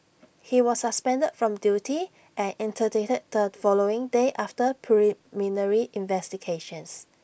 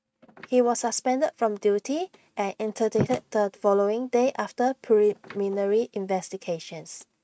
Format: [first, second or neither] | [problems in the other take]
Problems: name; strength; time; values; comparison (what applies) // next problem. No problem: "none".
first | noise reduction (neural mask model RNNoise)